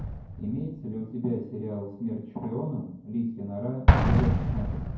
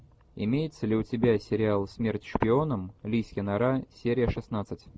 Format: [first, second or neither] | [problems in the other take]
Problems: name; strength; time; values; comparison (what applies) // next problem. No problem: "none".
second | background sound (Explosion); 4 dB above the speech // room echo; dies away in 0.9 s